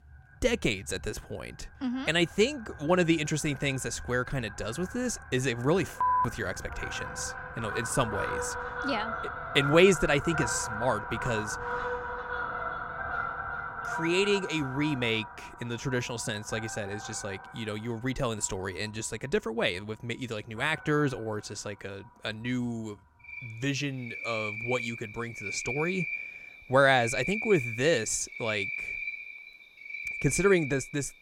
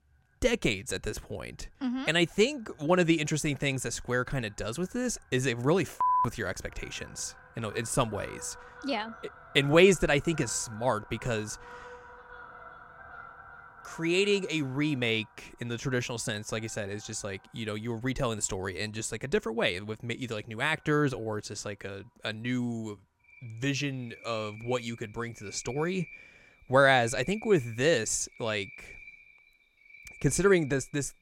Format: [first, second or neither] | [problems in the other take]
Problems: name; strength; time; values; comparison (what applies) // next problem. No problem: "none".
second | animal sounds; loud; throughout; 7 dB below the speech; faint in the second